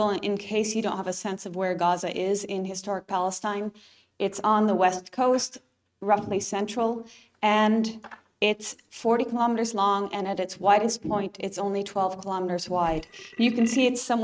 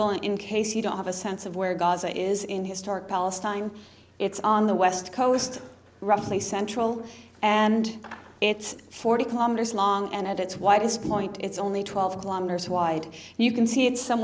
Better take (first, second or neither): second